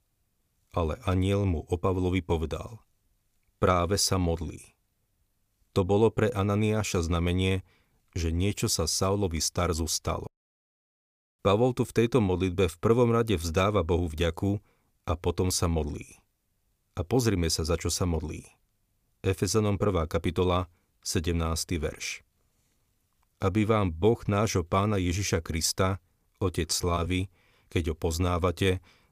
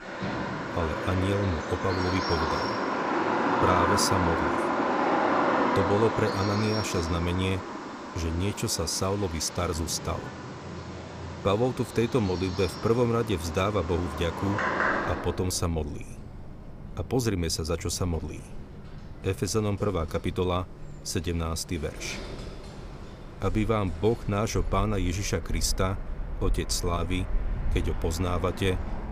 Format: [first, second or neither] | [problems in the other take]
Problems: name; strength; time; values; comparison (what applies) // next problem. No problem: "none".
first | animal sounds; loud; throughout; 2 dB below the speech